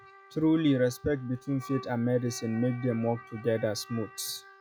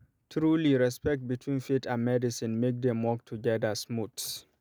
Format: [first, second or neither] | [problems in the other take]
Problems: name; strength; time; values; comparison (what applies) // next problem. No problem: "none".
second | noise reduction (classical method log-MMSE)